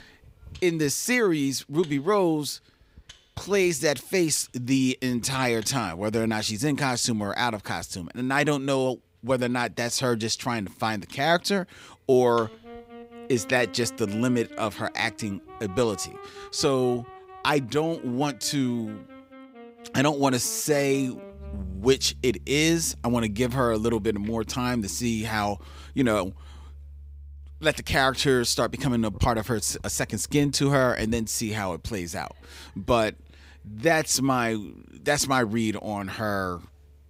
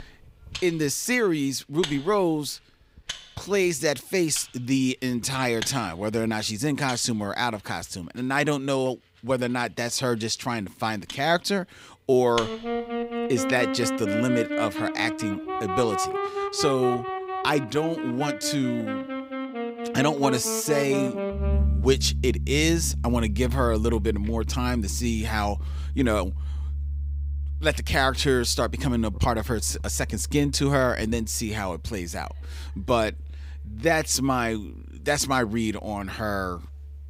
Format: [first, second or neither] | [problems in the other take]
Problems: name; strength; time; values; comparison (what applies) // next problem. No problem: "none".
first | background music; loud; throughout; 6 dB below the speech; faint in the first